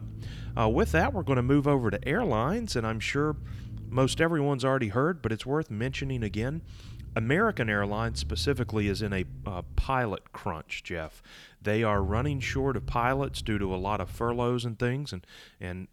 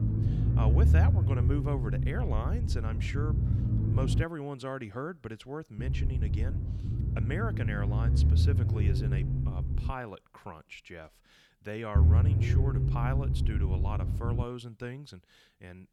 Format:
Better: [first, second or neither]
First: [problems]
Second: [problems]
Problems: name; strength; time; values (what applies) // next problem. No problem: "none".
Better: first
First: low rumble; faint; until 4 s, from 6 to 10 s and from 12 to 14 s; 25 dB below the speech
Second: low rumble; loud; until 4 s, from 6 to 10 s and from 12 to 14 s; 2 dB below the speech